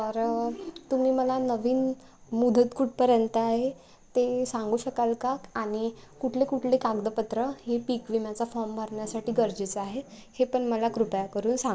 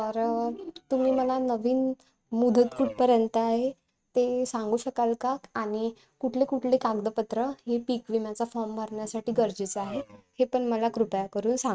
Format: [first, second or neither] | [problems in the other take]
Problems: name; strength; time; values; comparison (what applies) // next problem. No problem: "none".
first | noise reduction (neural mask model RNNoise)